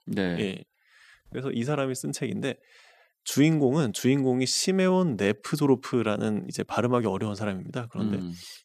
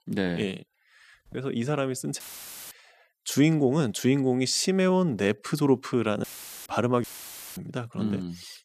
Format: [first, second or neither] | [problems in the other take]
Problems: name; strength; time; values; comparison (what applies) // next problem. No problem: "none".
first | audio cutting out; filled with static; at 2 s for 0.5 s, at 6 s and at 7 s for 0.5 s